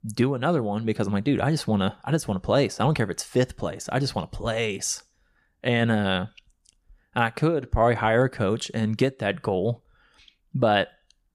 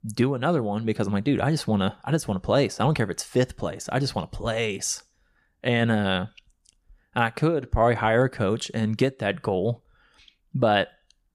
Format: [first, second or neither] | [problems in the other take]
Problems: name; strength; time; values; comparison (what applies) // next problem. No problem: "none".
neither | none